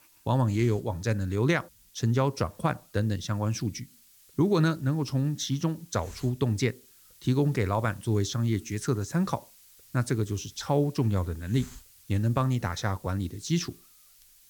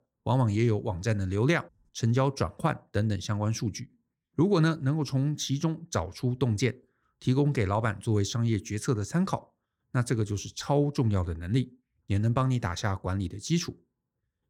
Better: second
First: hiss; faint; throughout; 25 dB below the speech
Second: none

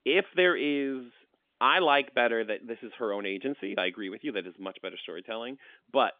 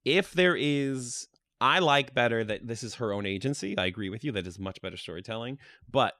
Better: second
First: phone-call audio; nothing above 3.5 kHz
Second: none

